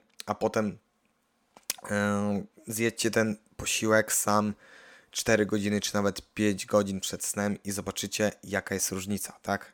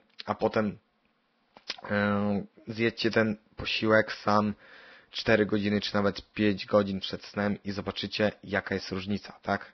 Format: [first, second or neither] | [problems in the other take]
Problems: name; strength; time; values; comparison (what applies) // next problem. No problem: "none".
first | garbled, watery; badly; nothing above 5.5 kHz